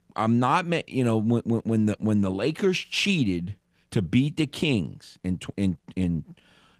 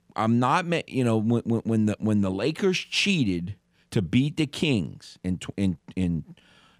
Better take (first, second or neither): second